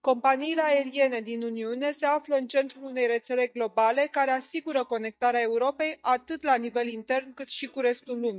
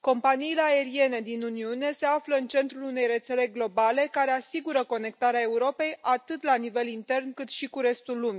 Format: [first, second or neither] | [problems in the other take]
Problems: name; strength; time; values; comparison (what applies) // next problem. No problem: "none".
second | noise reduction (neural mask model DeepFilterNet 3)